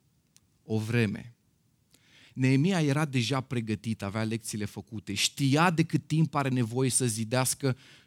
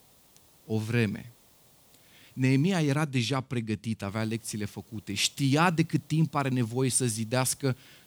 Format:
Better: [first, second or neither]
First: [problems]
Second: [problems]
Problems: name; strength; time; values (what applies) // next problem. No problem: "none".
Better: first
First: none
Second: hiss; faint; until 3 s and from 4 s on; 30 dB below the speech